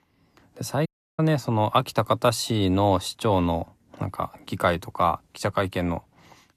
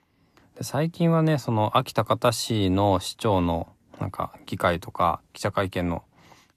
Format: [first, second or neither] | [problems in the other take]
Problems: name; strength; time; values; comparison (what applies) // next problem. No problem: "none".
second | audio cutting out; at 1 s